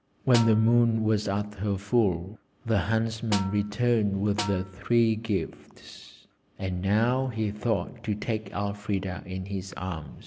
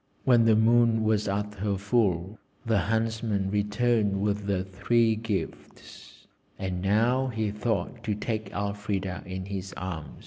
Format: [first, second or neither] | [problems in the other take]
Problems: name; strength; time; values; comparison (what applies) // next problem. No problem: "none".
second | background sound (Snare drum); 12 dB below the speech